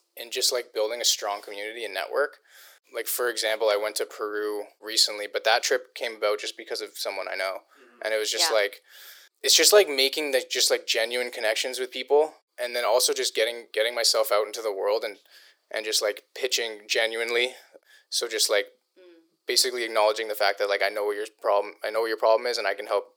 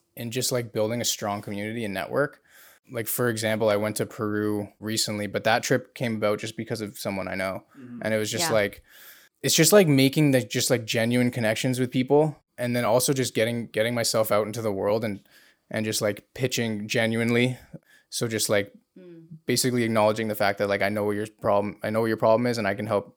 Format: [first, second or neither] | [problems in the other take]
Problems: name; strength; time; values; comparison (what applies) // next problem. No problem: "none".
second | thin; very; fading below 400 Hz